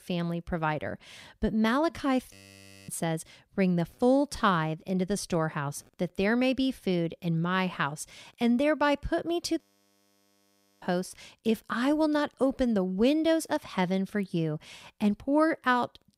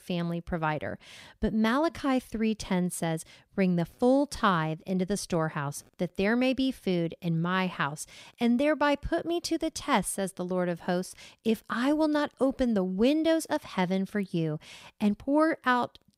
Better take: second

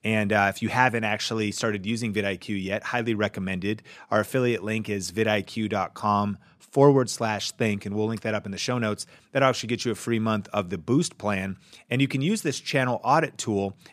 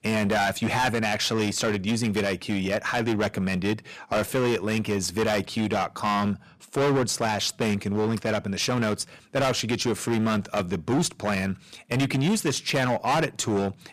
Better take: first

